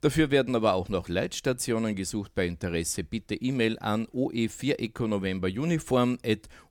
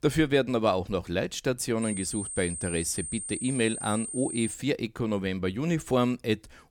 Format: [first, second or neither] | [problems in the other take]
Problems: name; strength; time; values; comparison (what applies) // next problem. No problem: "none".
first | high-pitched whine; loud; from 2 to 4.5 s; 8.5 kHz, 6 dB below the speech